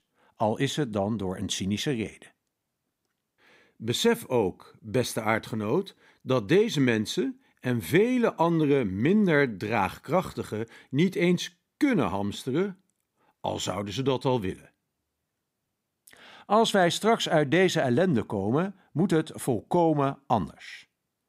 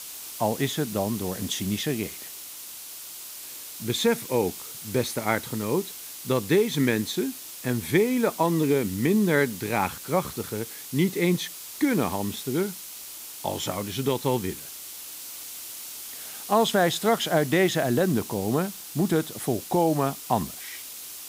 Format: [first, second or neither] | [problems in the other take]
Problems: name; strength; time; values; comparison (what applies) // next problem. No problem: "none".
first | hiss; noticeable; throughout; 10 dB below the speech